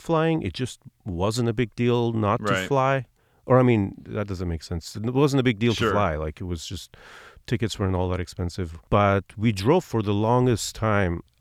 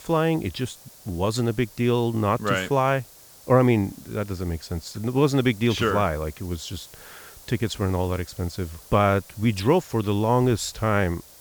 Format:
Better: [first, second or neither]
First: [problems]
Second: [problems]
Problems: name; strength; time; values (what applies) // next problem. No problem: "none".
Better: first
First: none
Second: hiss; faint; throughout; 20 dB below the speech